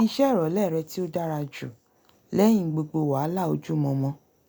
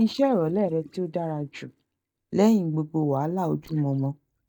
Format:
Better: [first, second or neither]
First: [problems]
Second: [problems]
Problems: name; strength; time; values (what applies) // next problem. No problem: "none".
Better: first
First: none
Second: noise reduction (neural mask model DeepFilterNet 3)